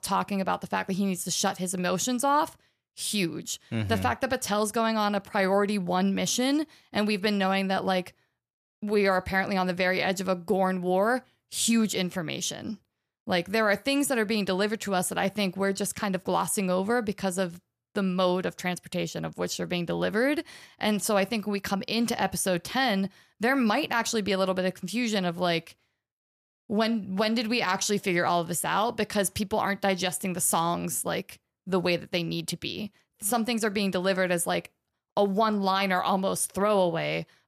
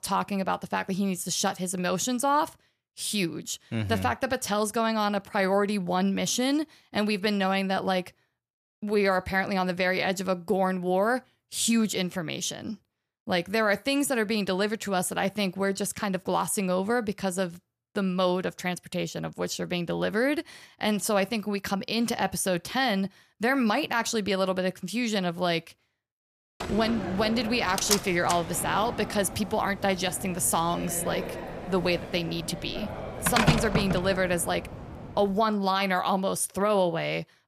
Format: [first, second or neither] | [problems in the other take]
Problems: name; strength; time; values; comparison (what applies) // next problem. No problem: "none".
first | door banging; loud; from 27 to 34 s; peak 4 dB above the speech